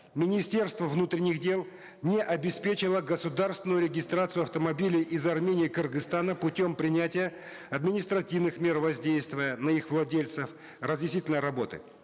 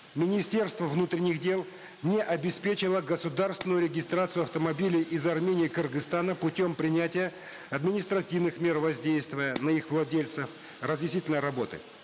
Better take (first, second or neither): first